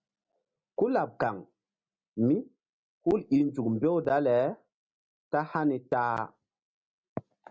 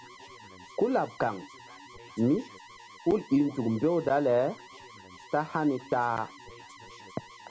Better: first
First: none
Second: background sound (Alarm); 19 dB below the speech

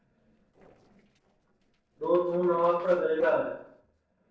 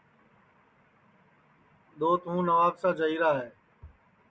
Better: second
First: noise reduction (neural separator model SepFormer DNS4)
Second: none

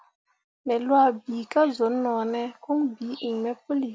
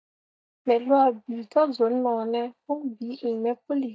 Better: first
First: none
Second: noise reduction (neural mask model DeepFilterNet 3)

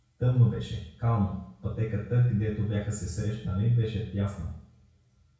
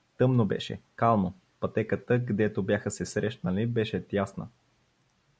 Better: second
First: room echo; dies away in 0.6 s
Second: none

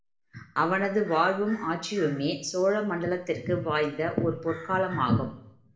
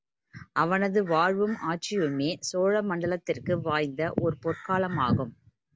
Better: second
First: background sound (Piano); 16 dB below the speech // room echo; dies away in 0.6 s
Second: none

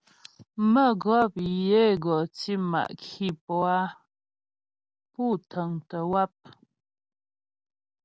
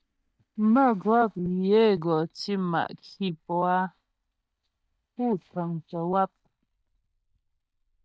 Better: first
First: none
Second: noise reduction (neural mask model DeepFilterNet 3)

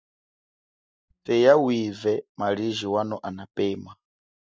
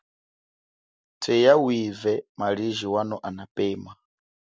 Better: second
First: noise reduction (neural mask model DeepFilterNet 3)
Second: none

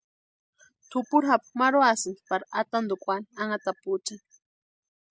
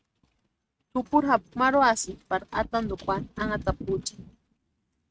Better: first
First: none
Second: noise reduction (neural mask model RNNoise)

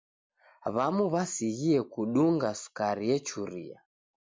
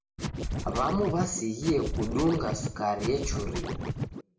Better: first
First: none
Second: background sound (Scratching (performance technique)); 3 dB below the speech // room echo; dies away in 0.6 s

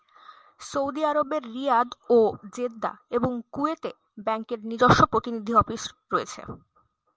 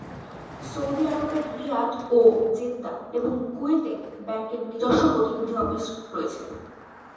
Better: first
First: none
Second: background sound (Car passing by); 18 dB below the speech // room echo; dies away in 1.1 s

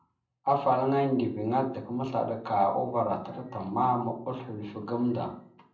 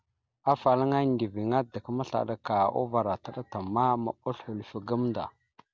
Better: second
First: room echo; dies away in 0.6 s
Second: none

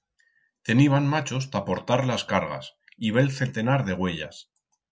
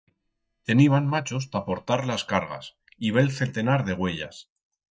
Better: first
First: none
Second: noise reduction (neural mask model DeepFilterNet 3)

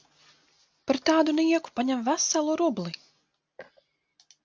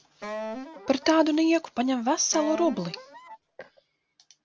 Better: first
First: none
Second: background sound (Wind instrument, woodwind instrument); 12 dB below the speech

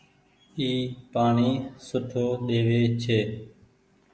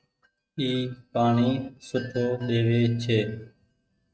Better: first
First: none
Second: noise reduction (neural mask model RNNoise)

